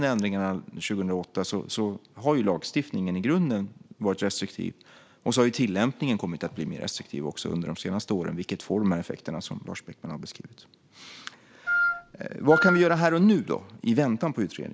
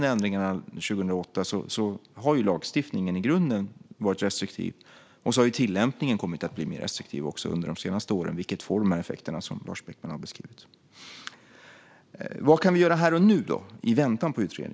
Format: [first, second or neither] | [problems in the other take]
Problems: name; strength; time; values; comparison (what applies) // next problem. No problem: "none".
second | background sound (Wind instrument, woodwind instrument); as loud as the speech